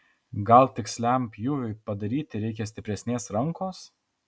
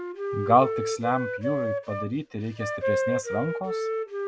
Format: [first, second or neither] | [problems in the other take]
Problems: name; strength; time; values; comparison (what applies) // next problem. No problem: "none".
first | background sound (Wind instrument, woodwind instrument); 2 dB below the speech